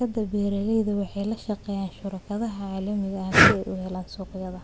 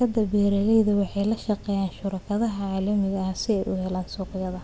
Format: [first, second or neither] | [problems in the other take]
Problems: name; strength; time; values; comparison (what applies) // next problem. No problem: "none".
second | background sound (Breathing); 1 dB above the speech